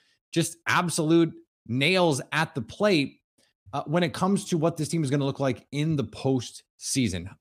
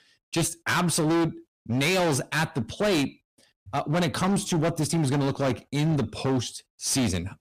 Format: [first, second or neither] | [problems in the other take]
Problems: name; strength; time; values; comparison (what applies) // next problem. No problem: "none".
first | distortion; heavy; 21% of the sound clipped